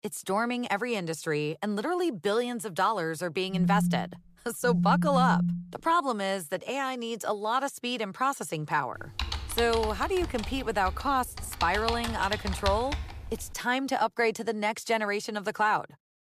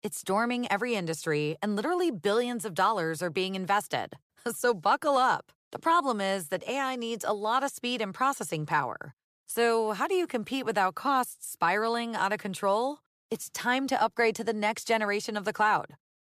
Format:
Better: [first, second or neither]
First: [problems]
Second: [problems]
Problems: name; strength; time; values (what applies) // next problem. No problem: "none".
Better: second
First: phone ringing; loud; from 3.5 to 5.5 s; peak 3 dB above the speech // keyboard typing; noticeable; from 9 to 14 s; peak 3 dB below the speech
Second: none